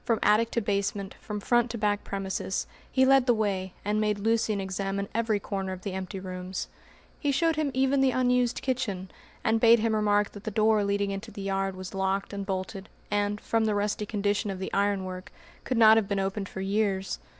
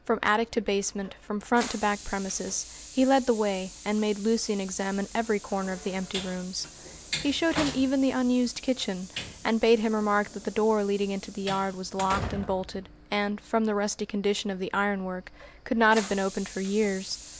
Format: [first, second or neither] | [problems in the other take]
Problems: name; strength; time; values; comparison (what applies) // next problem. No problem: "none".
first | background sound (Train); 14 dB below the speech